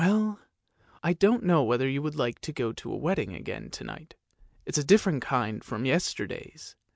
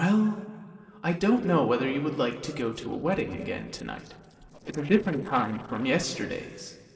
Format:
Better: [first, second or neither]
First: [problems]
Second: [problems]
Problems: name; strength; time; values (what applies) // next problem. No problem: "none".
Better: first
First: none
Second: noise reduction (neural separator model SepFormer DNS4)